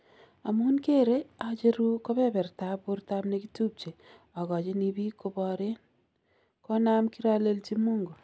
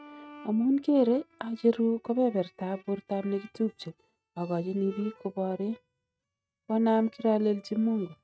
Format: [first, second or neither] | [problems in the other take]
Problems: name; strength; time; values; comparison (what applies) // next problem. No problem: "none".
first | noise reduction (neural mask model RNNoise)